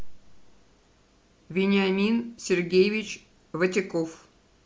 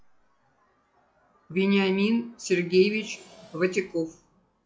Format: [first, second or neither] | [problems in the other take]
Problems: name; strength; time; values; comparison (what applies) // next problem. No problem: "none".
first | noise reduction (classical method log-MMSE)